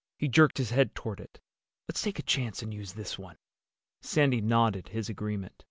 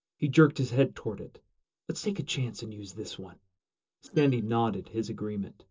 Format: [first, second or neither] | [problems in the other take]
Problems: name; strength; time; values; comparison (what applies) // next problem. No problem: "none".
first | noise reduction (neural separator model SepFormer DNS4)